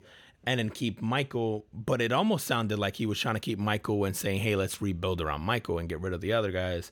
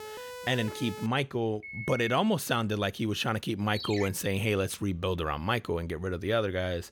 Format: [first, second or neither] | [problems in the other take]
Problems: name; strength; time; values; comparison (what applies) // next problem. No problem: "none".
first | siren; faint; until 1 s; peak 10 dB below the speech // phone ringing; noticeable; at 1.5 s and at 3.5 s; peak 7 dB below the speech